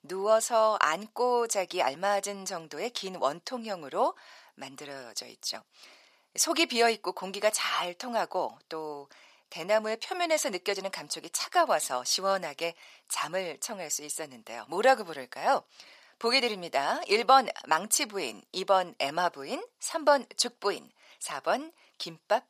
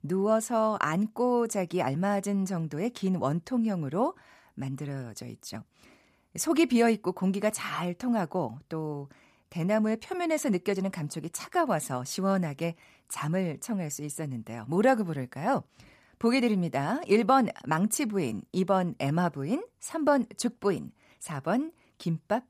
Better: second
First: thin; very; fading below 650 Hz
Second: none

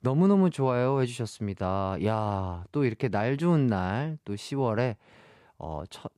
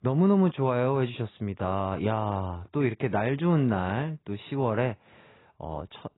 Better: first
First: none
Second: garbled, watery; badly; nothing above 4 kHz

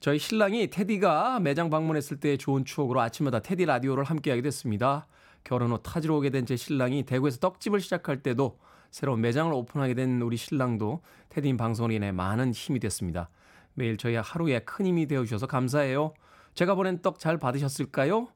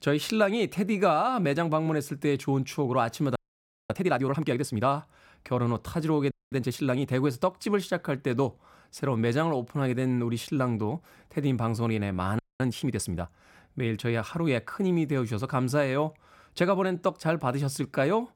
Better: first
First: none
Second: audio freezing; at 3.5 s for 0.5 s, at 6.5 s and at 12 s

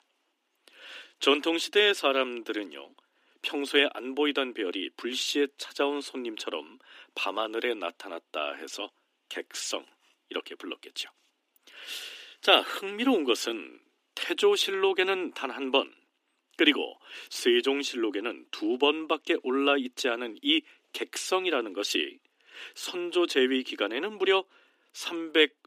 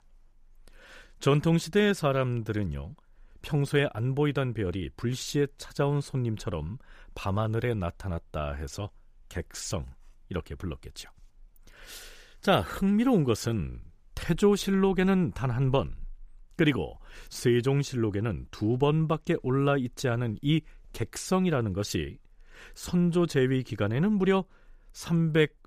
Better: second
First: thin; somewhat; fading below 250 Hz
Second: none

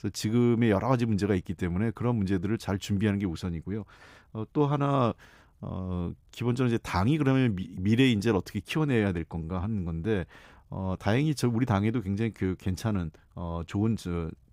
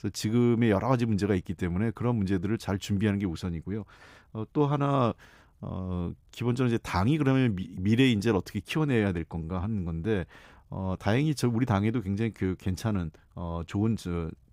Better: neither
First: none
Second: none

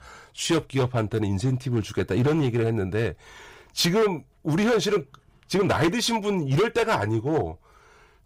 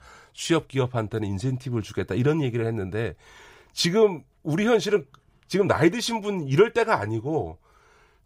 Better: second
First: distortion; heavy; 9% of the sound clipped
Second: none

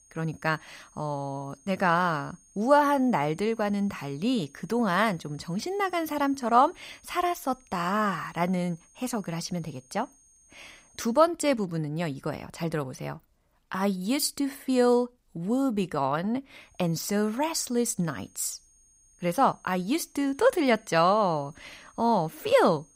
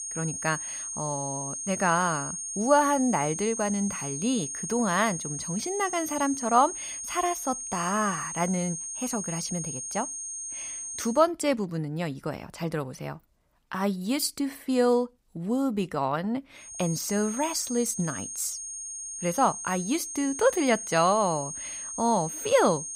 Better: first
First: high-pitched whine; faint; until 11 s and from 17 s on; 6.5 kHz, 30 dB below the speech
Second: high-pitched whine; loud; until 11 s and from 17 s on; 6.5 kHz, 5 dB below the speech

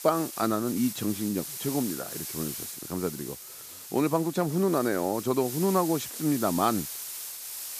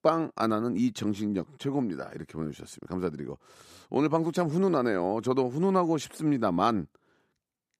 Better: second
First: hiss; loud; throughout; 8 dB below the speech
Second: none

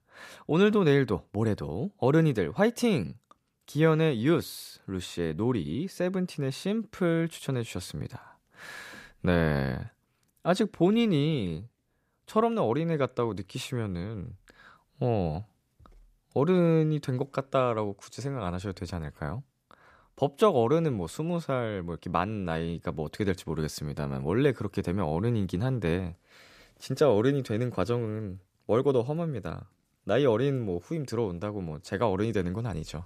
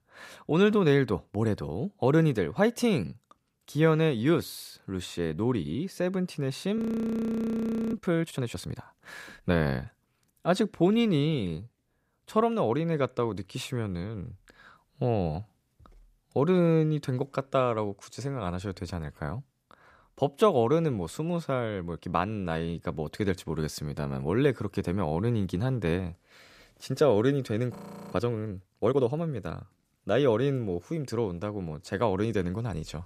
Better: first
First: none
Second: audio freezing; at 7 s for 1 s and at 28 s

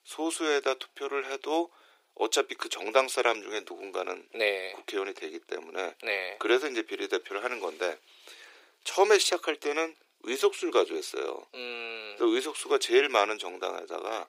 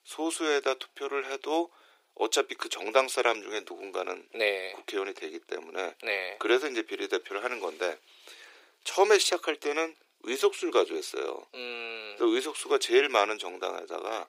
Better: neither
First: thin; very; fading below 350 Hz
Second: thin; very; fading below 350 Hz

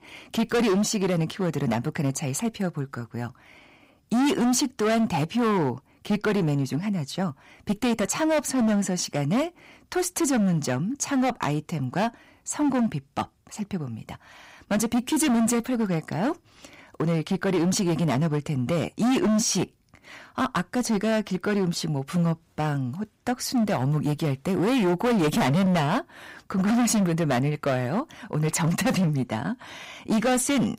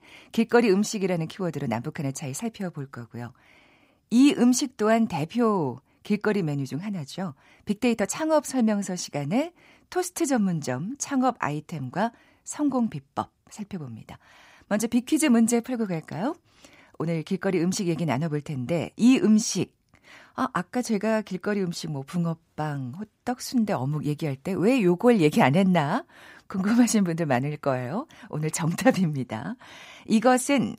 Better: second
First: distortion; heavy; 16% of the sound clipped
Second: none

